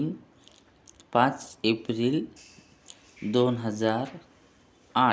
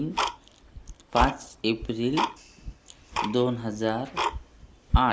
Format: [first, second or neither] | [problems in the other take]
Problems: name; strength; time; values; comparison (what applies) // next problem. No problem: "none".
first | background sound (Tick-tock); 2 dB below the speech